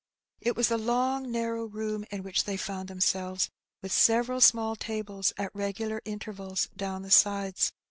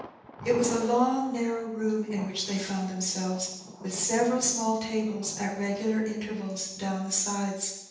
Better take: first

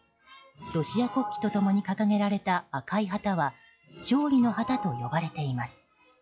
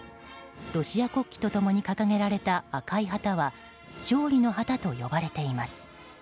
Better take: second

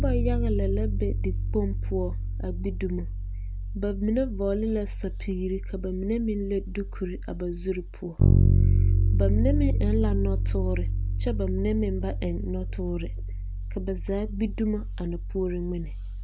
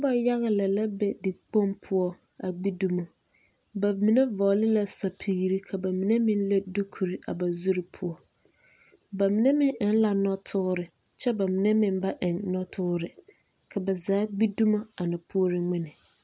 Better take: second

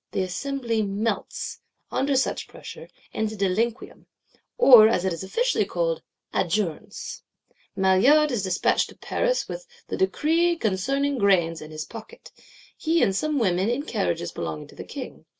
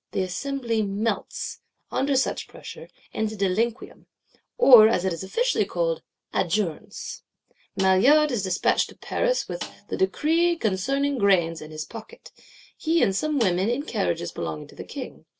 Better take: first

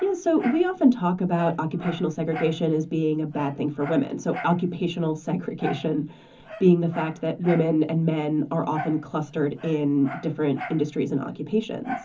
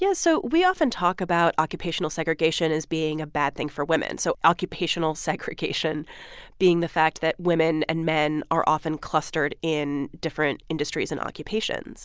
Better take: second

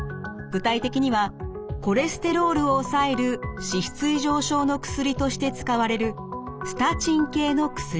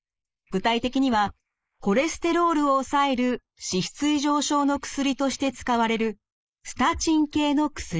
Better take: first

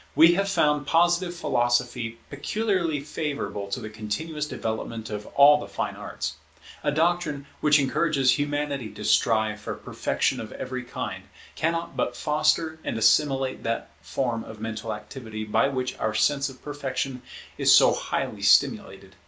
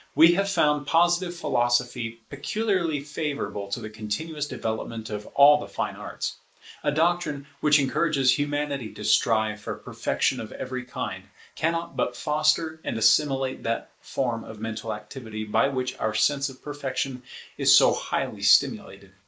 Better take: first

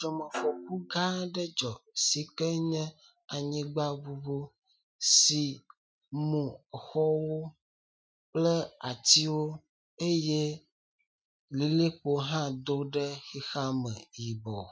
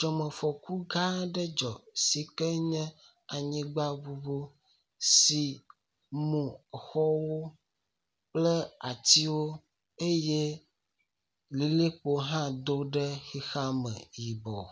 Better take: second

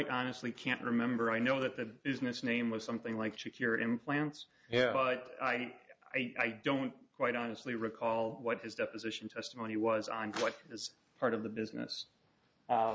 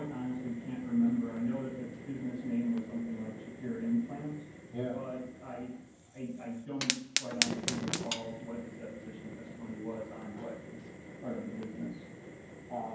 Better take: first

